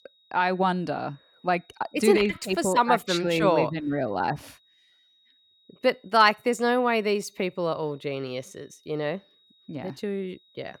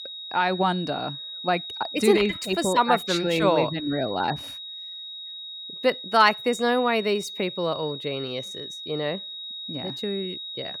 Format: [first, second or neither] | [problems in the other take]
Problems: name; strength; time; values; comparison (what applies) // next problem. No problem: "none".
first | high-pitched whine; loud; throughout; 4 kHz, 10 dB below the speech; faint in the first